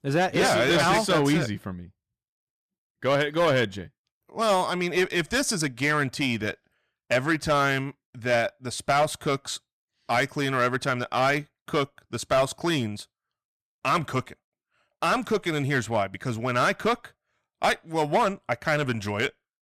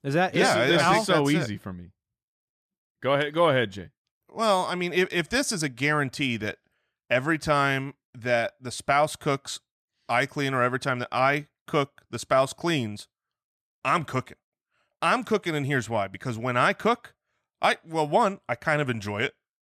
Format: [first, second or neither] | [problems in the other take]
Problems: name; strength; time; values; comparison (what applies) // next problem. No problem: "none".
second | distortion; slight; 5% of the sound clipped